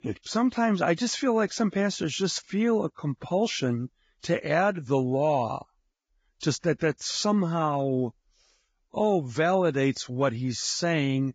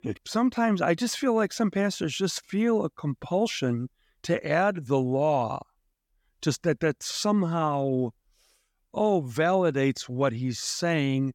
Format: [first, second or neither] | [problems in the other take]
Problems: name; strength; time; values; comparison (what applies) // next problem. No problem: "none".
second | garbled, watery; badly; nothing above 7.5 kHz